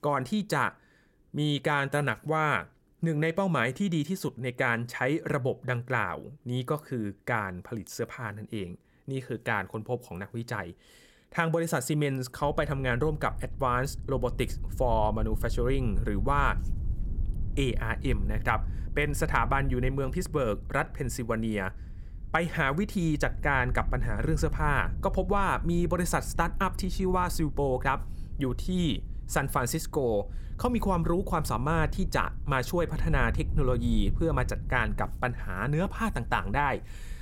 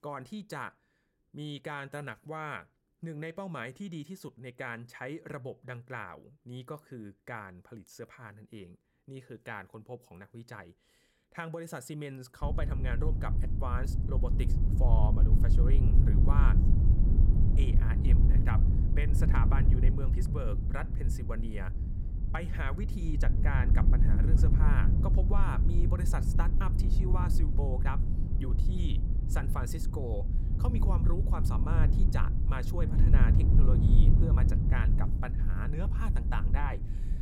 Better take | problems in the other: first | low rumble; loud; from 12 s on; 3 dB below the speech; faint in the first

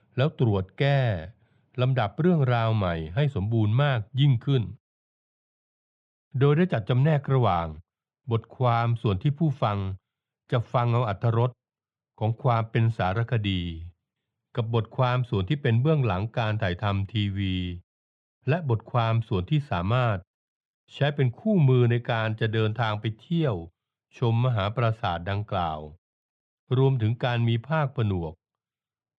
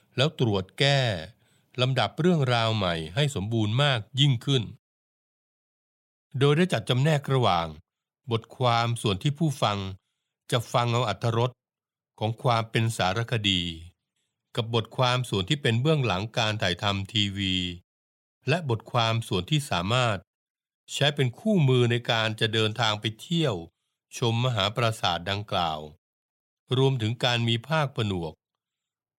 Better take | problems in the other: second | muffled; very; fading above 2 kHz

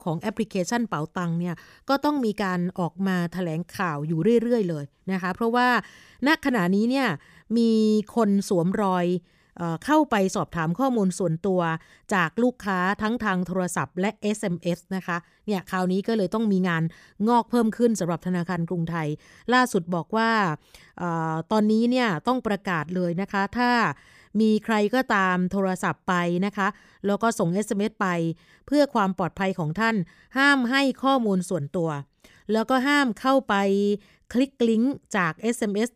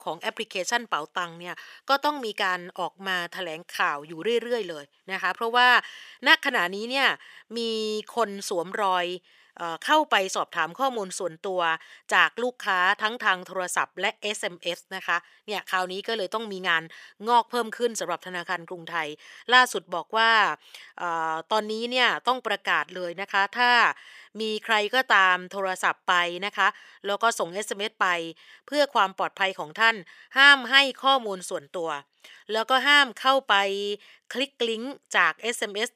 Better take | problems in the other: first | thin; very; fading below 550 Hz

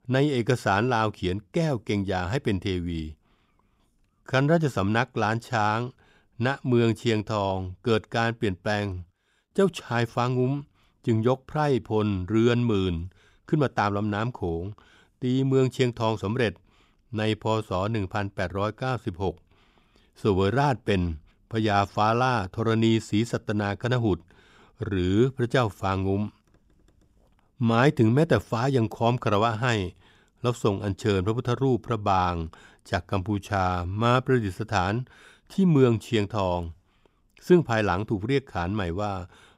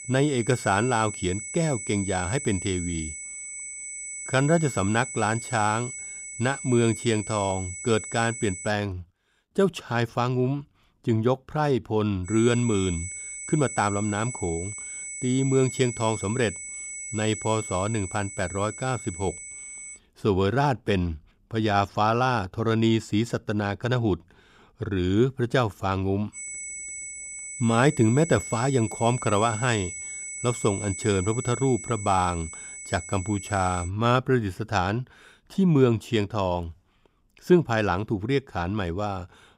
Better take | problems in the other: first | high-pitched whine; loud; until 8.5 s, from 12 to 20 s and from 26 to 34 s; 8 kHz, 9 dB below the speech

